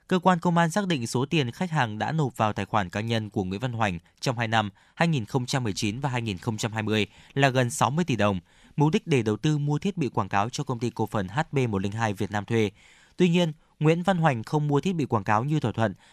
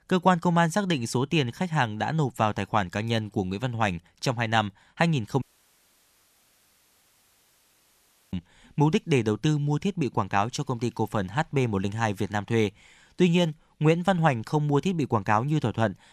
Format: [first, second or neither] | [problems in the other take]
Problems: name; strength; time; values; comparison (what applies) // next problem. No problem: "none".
first | audio cutting out; at 5.5 s for 3 s